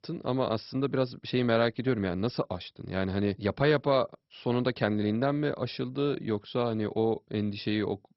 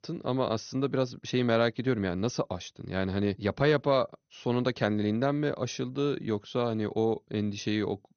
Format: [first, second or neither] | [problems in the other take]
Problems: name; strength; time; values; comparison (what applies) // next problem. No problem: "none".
second | garbled, watery; badly; nothing above 5.5 kHz; slightly in the second